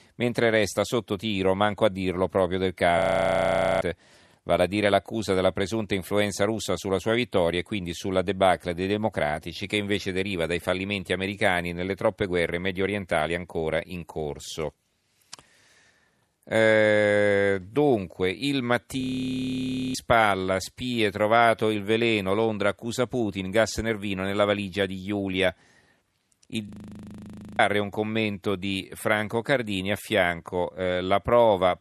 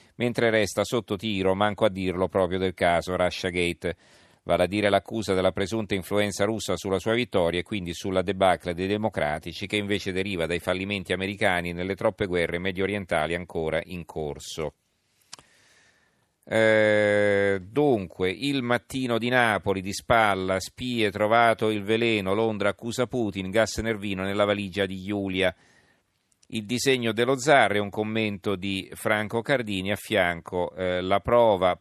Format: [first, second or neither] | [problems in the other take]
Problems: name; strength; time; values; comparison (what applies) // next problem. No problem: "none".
second | audio freezing; at 3 s for 1 s, at 19 s for 1 s and at 27 s for 1 s